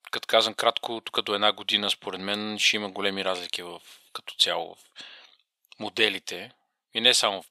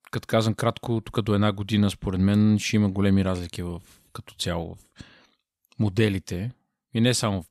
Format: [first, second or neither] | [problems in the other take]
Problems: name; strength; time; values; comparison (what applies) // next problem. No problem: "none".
second | thin; very; fading below 600 Hz